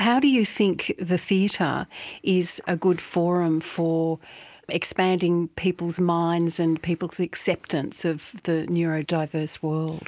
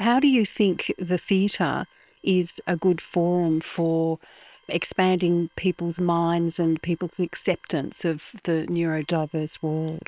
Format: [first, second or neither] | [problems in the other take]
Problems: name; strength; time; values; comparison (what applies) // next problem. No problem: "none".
first | noise reduction (neural separator model SepFormer WHAM!)